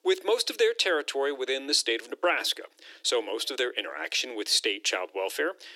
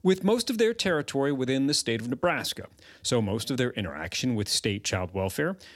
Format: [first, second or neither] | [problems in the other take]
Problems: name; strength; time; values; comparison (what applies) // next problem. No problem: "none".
second | thin; very; fading below 300 Hz